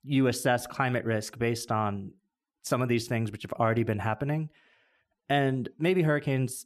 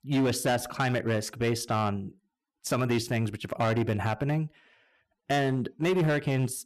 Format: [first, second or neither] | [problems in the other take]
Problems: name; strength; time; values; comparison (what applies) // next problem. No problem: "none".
first | distortion; slight; 9% of the sound clipped